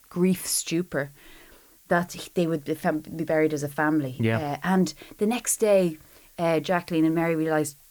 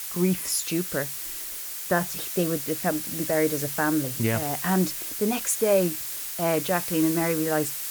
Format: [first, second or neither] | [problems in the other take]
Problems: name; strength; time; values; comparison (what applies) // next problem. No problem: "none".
first | hiss; loud; throughout; 4 dB below the speech; faint in the first